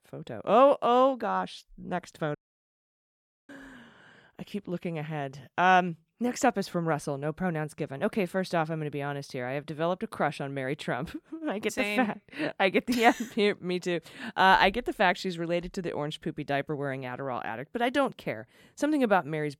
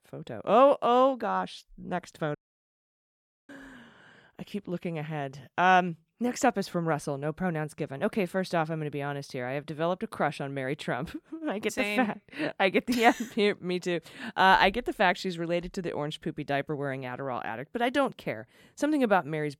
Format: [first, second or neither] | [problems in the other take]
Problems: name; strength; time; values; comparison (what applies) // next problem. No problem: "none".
neither | audio cutting out; at 2.5 s for 1 s; the same in both